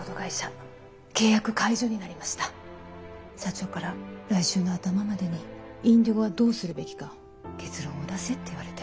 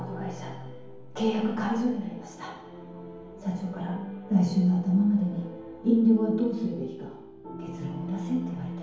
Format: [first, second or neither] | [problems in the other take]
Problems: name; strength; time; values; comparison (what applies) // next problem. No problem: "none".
first | room echo; dies away in 2.2 s